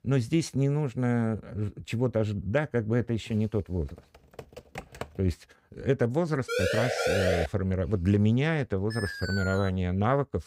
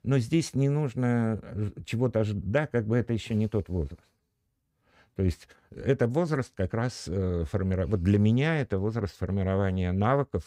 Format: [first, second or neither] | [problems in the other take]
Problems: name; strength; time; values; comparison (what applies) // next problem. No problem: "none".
second | keyboard typing; faint; from 4 to 5 s; peak 10 dB below the speech // siren; loud; at 6.5 s; peak 2 dB above the speech // alarm; noticeable; at 9 s; peak 6 dB below the speech